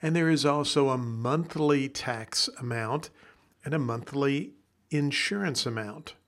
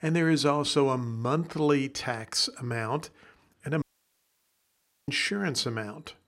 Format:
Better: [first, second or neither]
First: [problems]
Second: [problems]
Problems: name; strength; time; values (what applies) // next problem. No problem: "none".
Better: first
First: none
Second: audio cutting out; at 4 s for 1.5 s